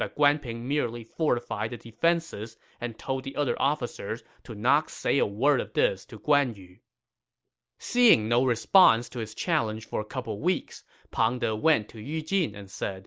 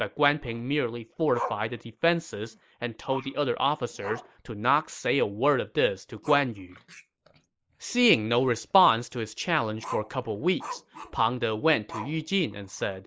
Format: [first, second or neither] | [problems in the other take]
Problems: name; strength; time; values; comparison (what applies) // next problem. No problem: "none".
first | noise reduction (neural mask model Resemble Enhance denoiser)